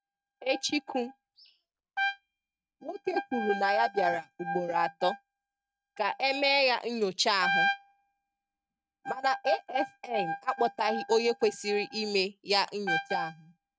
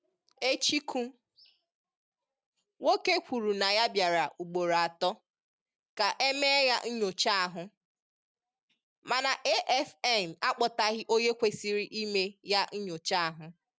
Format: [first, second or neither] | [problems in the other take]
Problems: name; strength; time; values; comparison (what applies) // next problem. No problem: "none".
second | noise reduction (neural mask model RNNoise)